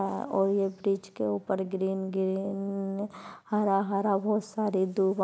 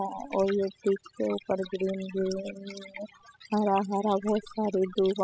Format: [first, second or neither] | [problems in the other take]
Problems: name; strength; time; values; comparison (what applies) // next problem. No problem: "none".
first | noise reduction (classical method spectral subtraction)